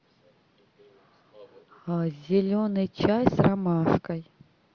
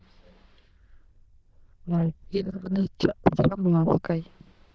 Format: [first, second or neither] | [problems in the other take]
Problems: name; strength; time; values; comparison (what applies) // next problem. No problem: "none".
first | noise reduction (neural diffusion model UNIVERSE++)